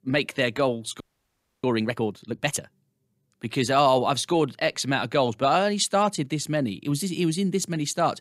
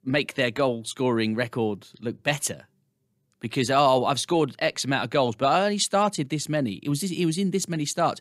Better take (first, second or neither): second